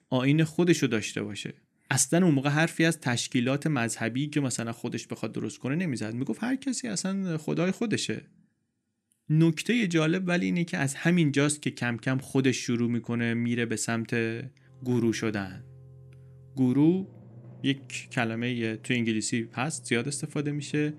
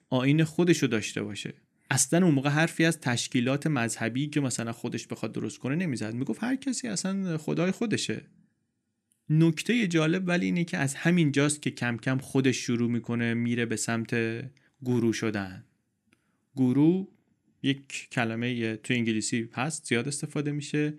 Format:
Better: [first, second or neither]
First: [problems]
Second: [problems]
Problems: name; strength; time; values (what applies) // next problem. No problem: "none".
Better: second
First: background music; faint; from 15 s on; 25 dB below the speech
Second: none